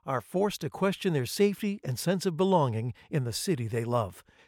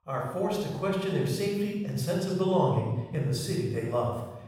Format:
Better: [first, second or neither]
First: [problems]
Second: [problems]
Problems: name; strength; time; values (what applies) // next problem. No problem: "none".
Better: first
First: none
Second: off-mic speech; far // room echo; strong; dies away in 0.9 s